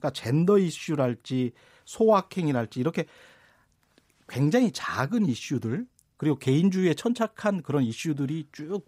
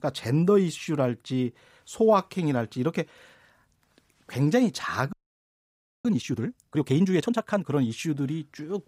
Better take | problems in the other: first | audio freezing; at 5 s for 1 s

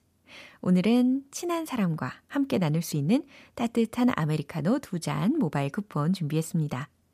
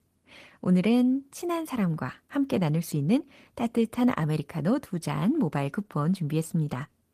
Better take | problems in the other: first | garbled, watery; slightly; nothing above 14.5 kHz

